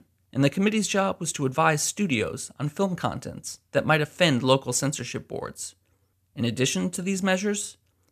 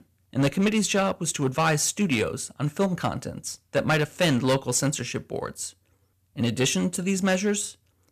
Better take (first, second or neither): first